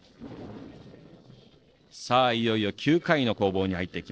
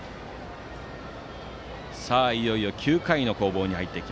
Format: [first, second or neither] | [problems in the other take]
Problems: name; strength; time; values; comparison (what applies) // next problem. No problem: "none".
second | noise reduction (neural separator model SepFormer DNS4)